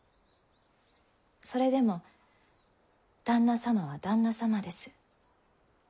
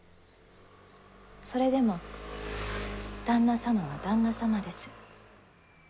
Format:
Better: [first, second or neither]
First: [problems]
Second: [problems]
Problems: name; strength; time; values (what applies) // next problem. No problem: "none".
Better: first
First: none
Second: background sound (Engine); 11 dB below the speech